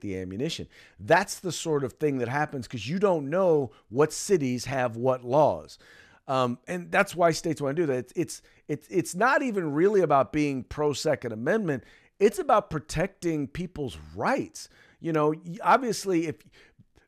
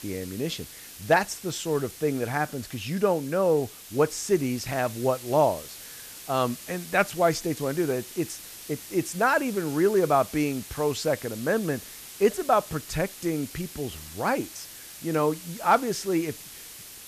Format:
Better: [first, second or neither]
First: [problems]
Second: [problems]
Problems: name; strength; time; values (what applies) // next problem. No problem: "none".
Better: first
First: none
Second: hiss; noticeable; throughout; 15 dB below the speech